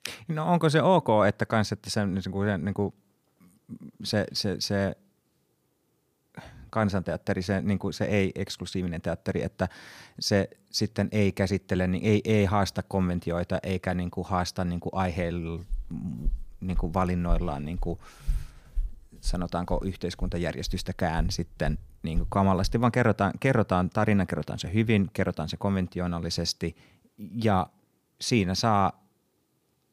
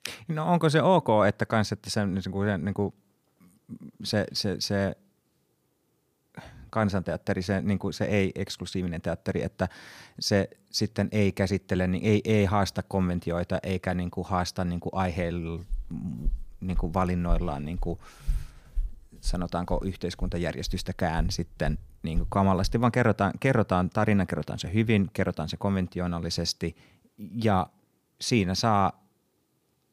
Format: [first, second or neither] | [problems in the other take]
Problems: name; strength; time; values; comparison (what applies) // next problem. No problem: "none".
neither | footsteps; noticeable; from 16 to 23 s; peak 7 dB below the speech; the same in both